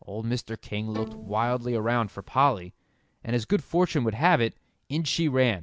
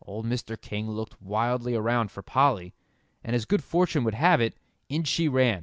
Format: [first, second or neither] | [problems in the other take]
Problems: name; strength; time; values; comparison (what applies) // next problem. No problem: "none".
second | background sound (Bowed string instrument); 14 dB below the speech